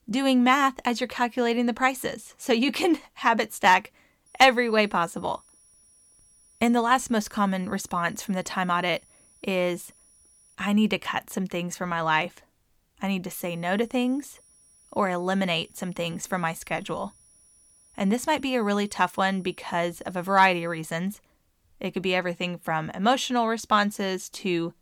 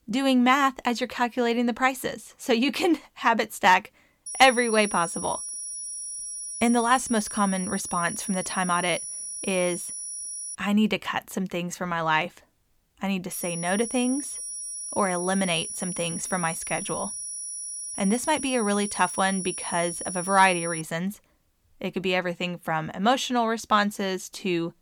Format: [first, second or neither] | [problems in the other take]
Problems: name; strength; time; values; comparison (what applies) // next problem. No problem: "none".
first | high-pitched whine; loud; from 4.5 to 11 s and from 13 to 21 s; 10 kHz, 7 dB below the speech; faint in the first